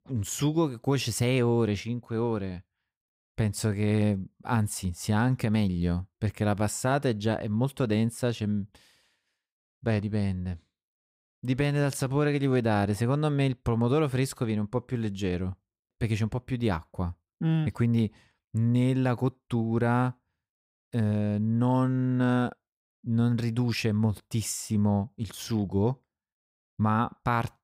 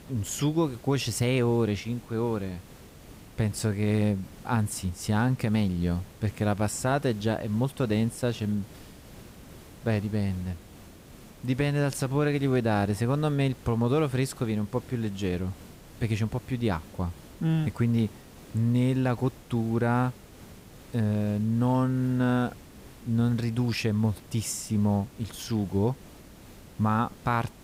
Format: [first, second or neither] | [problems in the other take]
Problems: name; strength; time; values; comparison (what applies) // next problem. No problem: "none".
first | hiss; faint; throughout; 20 dB below the speech